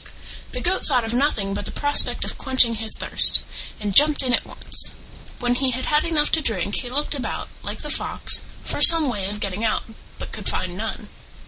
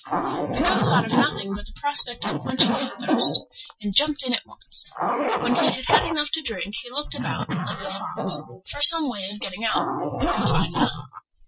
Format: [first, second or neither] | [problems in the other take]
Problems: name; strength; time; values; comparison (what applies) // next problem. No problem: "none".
first | noise reduction (classical method Wiener filter)